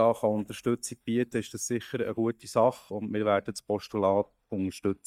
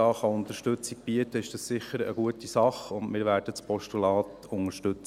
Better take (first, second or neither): second